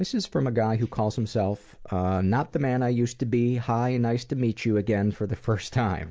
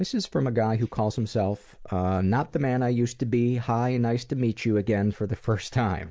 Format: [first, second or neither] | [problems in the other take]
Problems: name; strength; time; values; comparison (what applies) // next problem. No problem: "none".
first | noise reduction (neural mask model Resemble Enhance denoiser)